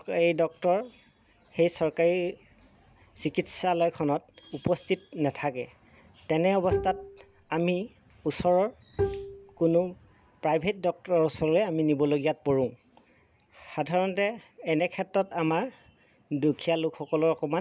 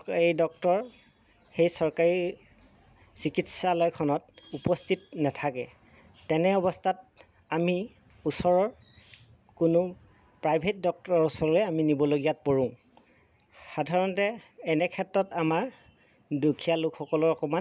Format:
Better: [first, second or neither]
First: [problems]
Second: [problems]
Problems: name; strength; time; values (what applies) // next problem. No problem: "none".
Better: second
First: background sound (Bowed string instrument); 5 dB below the speech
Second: none